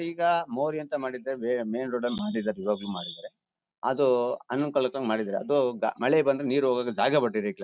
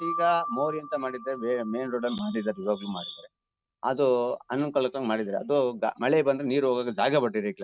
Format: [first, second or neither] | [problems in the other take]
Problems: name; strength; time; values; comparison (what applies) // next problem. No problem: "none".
first | noise reduction (neural mask model RNNoise)